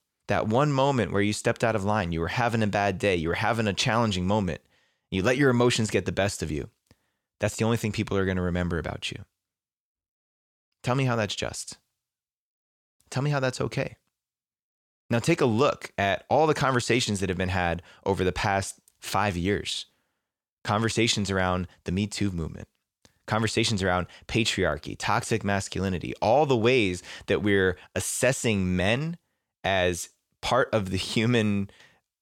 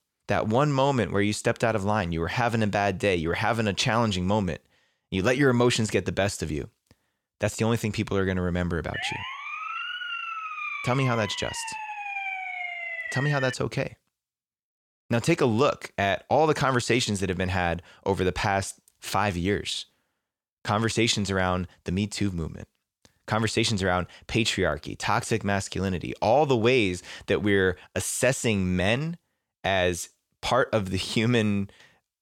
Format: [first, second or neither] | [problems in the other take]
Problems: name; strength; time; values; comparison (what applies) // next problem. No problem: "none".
first | siren; noticeable; from 9 to 14 s; peak 5 dB below the speech